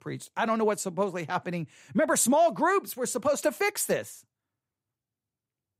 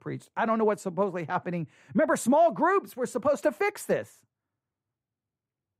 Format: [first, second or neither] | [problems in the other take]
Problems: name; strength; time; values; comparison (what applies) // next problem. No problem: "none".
first | muffled; slightly; fading above 2.5 kHz